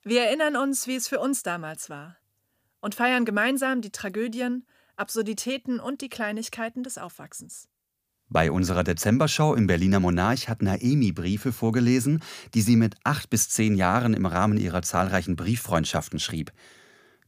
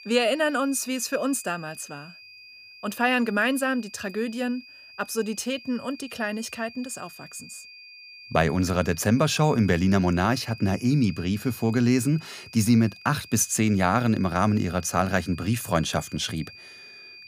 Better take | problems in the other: first | high-pitched whine; noticeable; throughout; 2.5 kHz, 20 dB below the speech

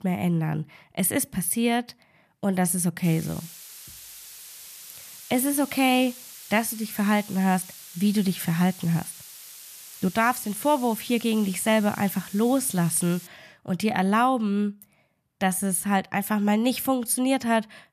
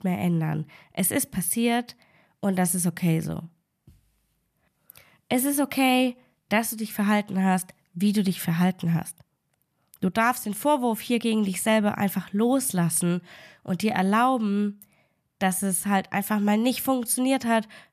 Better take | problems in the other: second | hiss; noticeable; from 3 to 13 s; 15 dB below the speech

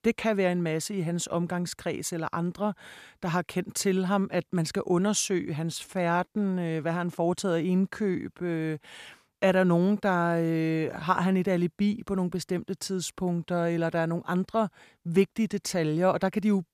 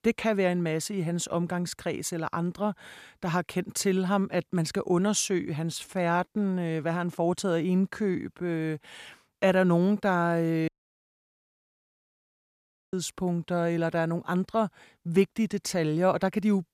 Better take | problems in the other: first | audio cutting out; at 11 s for 2.5 s

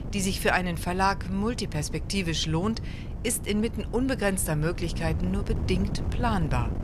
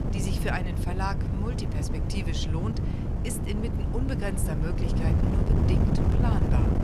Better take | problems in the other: first | wind noise on the microphone; heavy; as loud as the speech; occasional gusts in the first

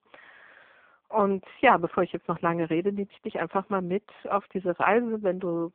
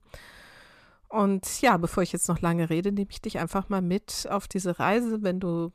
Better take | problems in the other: second | phone-call audio; poor line

